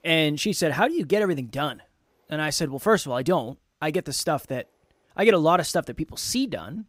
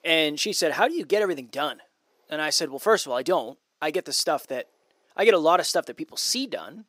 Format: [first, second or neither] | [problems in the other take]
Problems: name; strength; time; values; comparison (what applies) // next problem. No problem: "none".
first | thin; somewhat; fading below 400 Hz